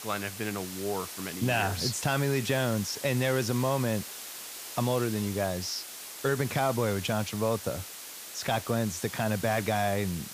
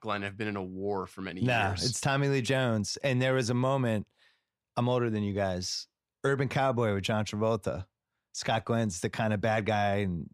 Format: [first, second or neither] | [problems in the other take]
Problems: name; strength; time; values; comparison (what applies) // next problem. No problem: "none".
second | hiss; loud; throughout; 9 dB below the speech